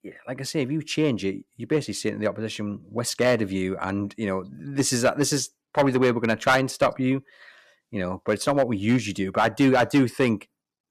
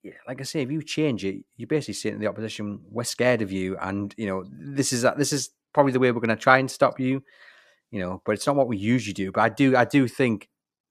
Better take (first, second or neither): second